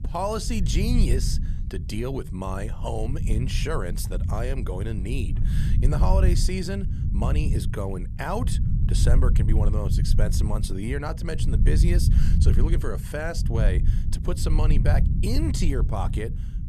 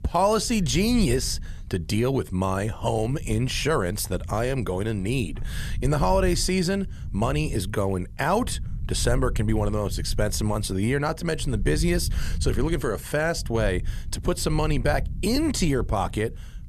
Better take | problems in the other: second | low rumble; loud; throughout; 8 dB below the speech; faint in the second

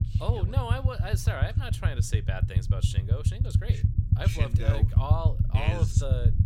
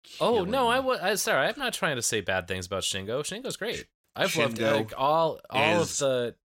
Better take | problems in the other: second | low rumble; loud; throughout; 5 dB below the speech

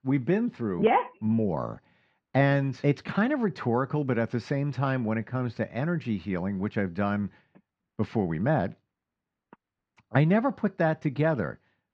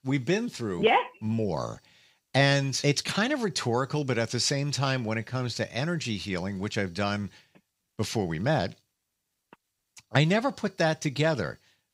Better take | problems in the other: second | muffled; very; fading above 1.5 kHz

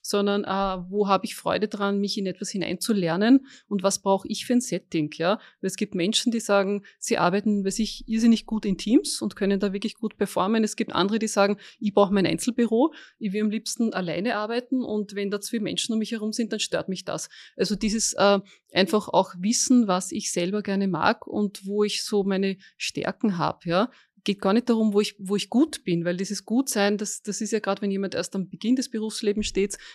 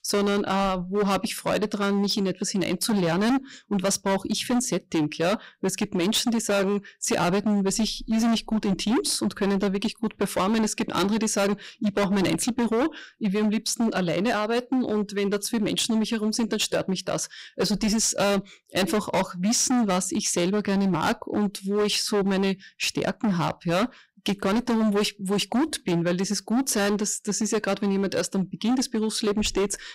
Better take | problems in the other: first | distortion; heavy; 19% of the sound clipped

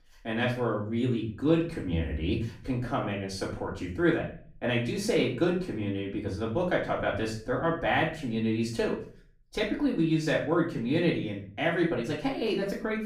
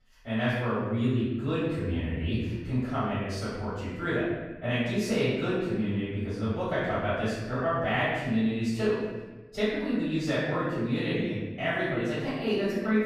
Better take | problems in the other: first | room echo; strong; dies away in 1.2 s; slight in the first // off-mic speech; far; far in the first

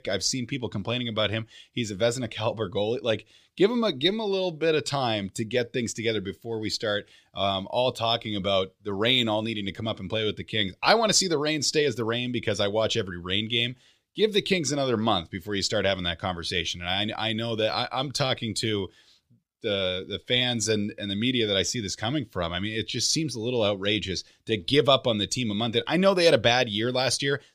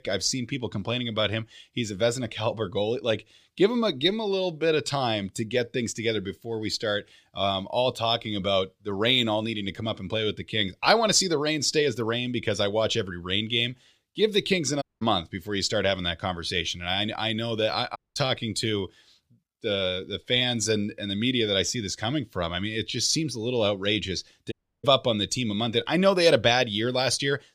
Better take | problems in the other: first | audio cutting out; at 15 s, at 18 s and at 25 s

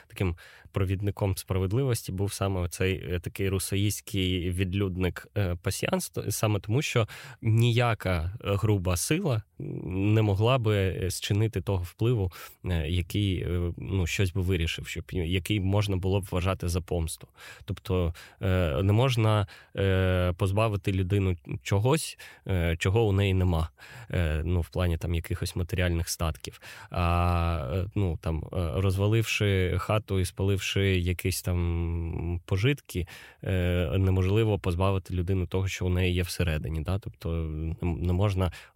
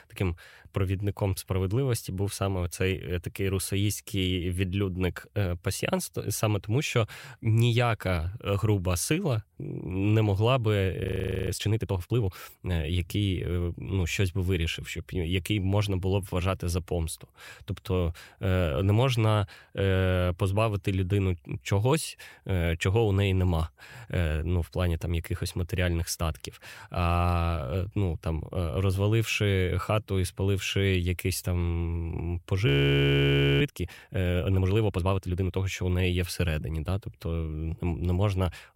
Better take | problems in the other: first | audio freezing; at 11 s and at 33 s for 1 s

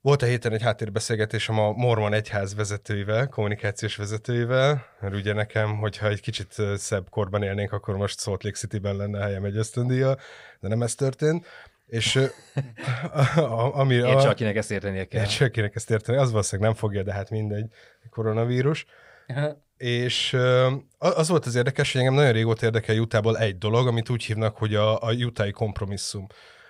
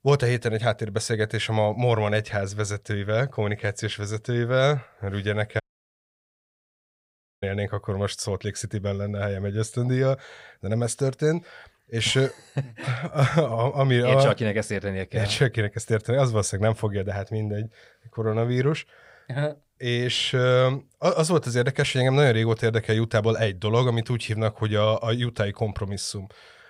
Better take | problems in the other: first | audio cutting out; at 5.5 s for 2 s

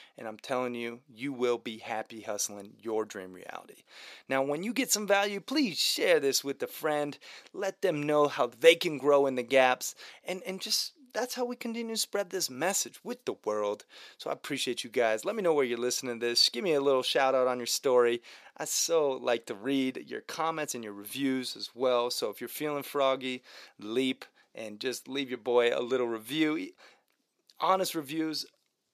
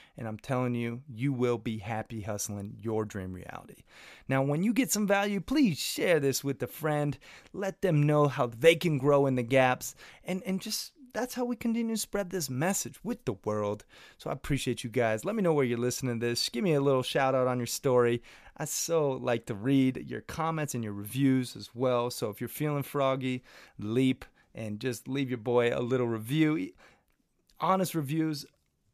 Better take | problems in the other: second | thin; somewhat; fading below 400 Hz

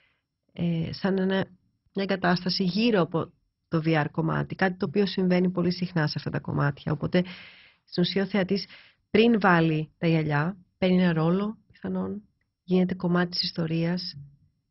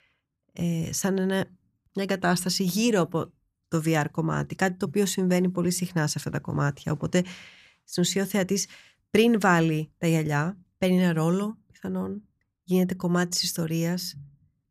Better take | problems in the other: second | garbled, watery; badly; nothing above 5.5 kHz

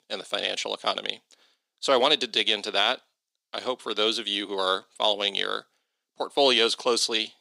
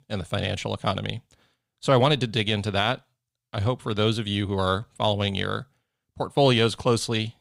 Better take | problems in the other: second | thin; somewhat; fading below 300 Hz

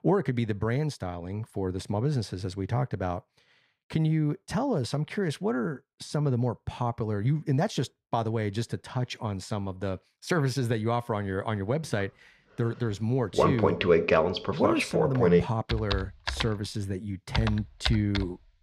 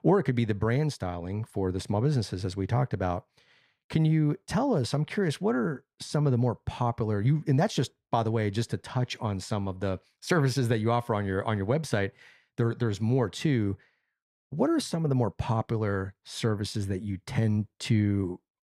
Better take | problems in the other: second | household noises; very loud; from 12 s on; 2 dB above the speech

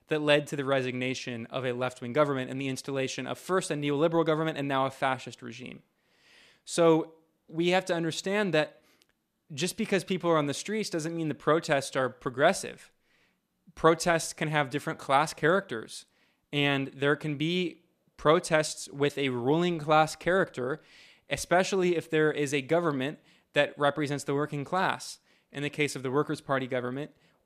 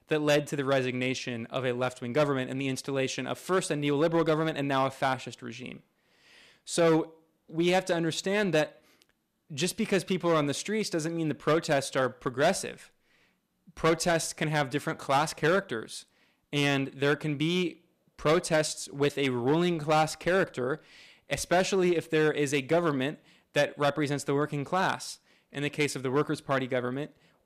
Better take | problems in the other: first | distortion; slight; 4% of the sound clipped

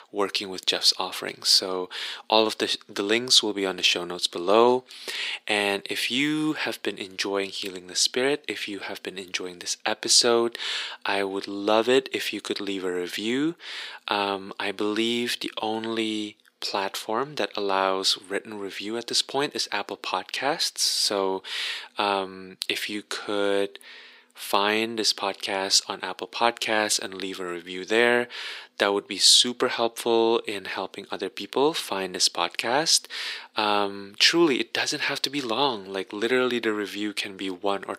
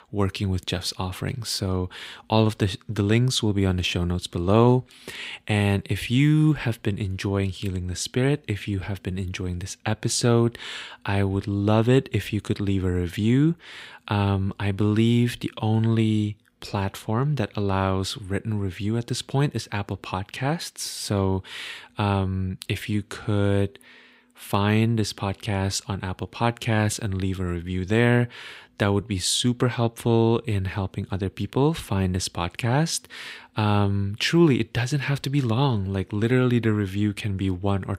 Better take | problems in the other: second | thin; very; fading below 350 Hz

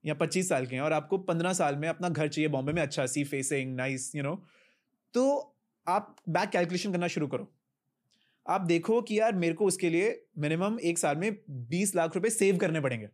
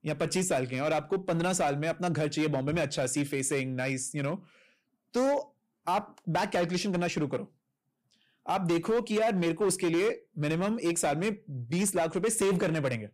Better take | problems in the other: first | distortion; slight; 8% of the sound clipped

